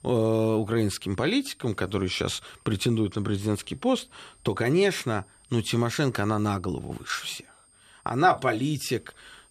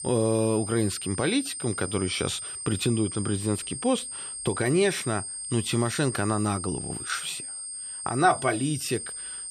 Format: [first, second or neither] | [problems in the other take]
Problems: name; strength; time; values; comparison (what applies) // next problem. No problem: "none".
first | high-pitched whine; loud; throughout; 8.5 kHz, 6 dB below the speech; faint in the first